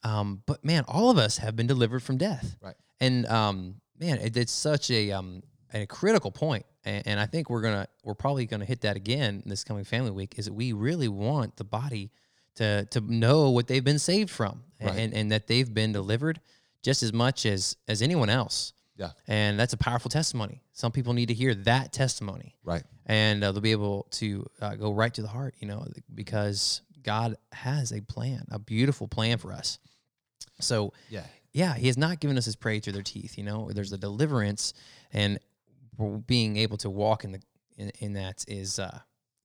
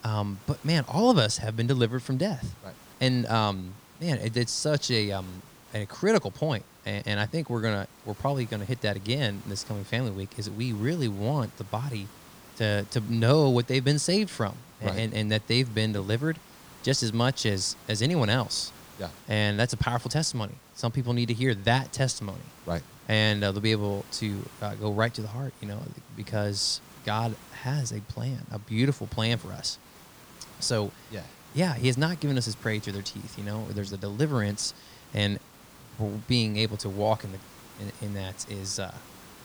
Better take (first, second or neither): first